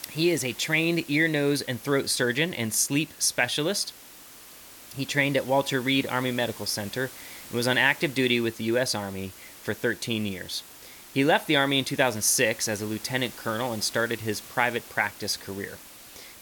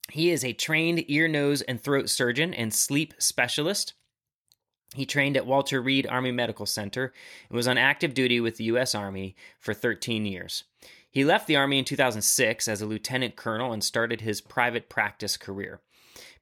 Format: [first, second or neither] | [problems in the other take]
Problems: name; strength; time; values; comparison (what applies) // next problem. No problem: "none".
second | hiss; noticeable; throughout; 15 dB below the speech